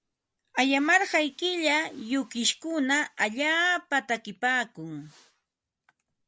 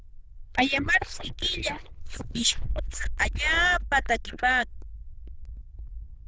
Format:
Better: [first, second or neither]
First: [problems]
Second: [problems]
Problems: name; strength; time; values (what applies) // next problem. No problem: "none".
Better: first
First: none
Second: noise reduction (neural diffusion model UNIVERSE++)